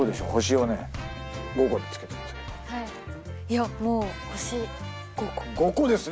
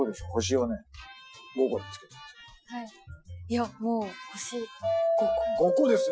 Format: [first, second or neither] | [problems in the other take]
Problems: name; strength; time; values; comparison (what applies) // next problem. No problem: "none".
first | noise reduction (classical method Wiener filter)